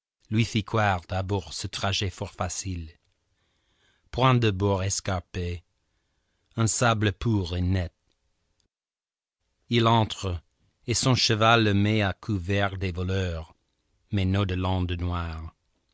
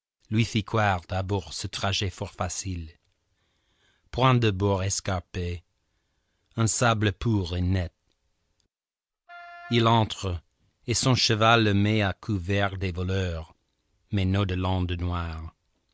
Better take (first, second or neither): first